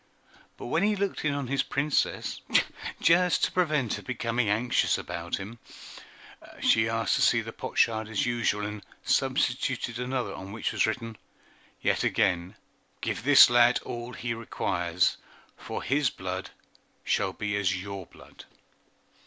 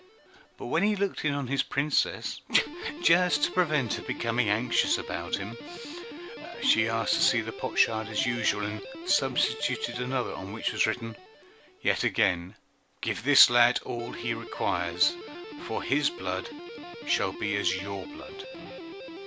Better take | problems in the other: first | background sound (Guitar); 12 dB below the speech

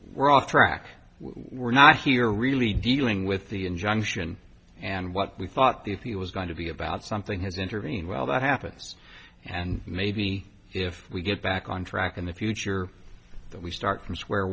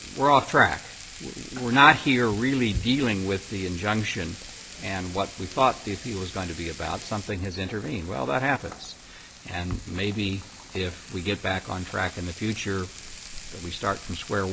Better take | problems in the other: first | background sound (Frying (food)); 16 dB below the speech

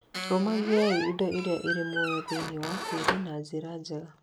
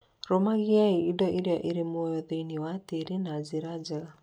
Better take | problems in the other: second | background sound (Squeak); 4 dB below the speech

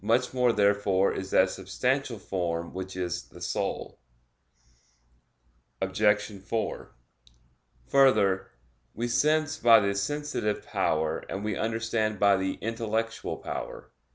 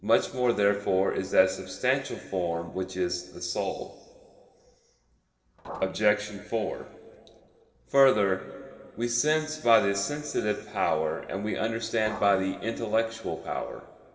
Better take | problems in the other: first | noise reduction (neural separator model SepFormer DNS4)

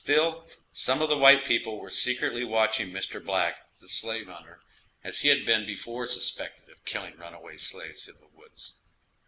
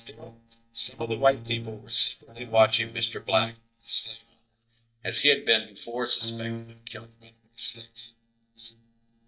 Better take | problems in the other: first | noise reduction (neural mask model DeepFilterNet 3)

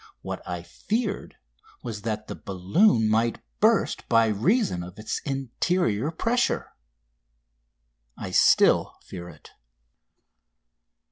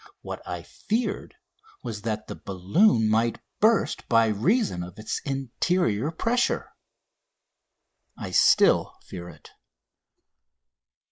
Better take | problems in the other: first | noise reduction (neural mask model Resemble Enhance denoiser)

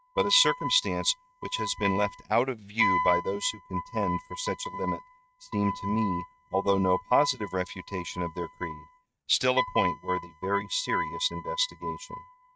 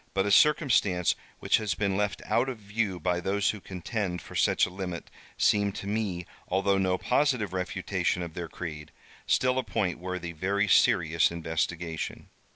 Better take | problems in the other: second | noise reduction (neural mask model RNNoise)

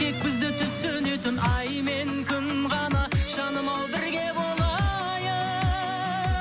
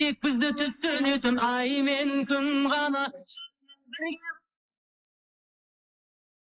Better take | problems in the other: first | noise reduction (neural mask model Resemble Enhance denoiser)

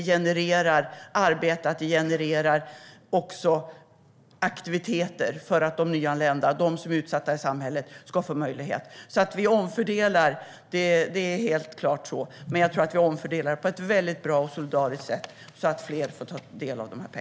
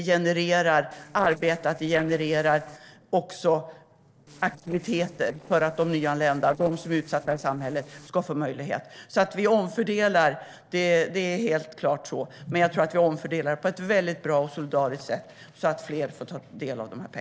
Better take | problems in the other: first | noise reduction (neural separator model SepFormer DNS4)

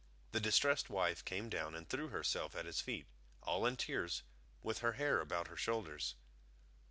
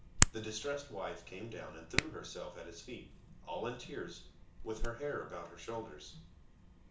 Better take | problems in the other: first | background sound (Hands); 4 dB above the speech // room echo; dies away in 0.7 s

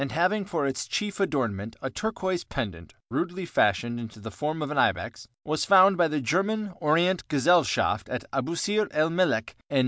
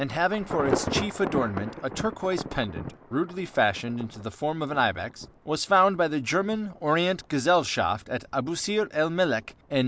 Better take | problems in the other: first | background sound (Thunder / Traffic noise, roadway noise / Rain / Insect); 11 dB below the speech

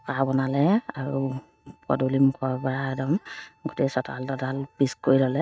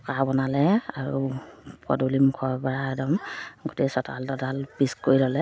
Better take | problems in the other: second | noise reduction (neural mask model RNNoise)

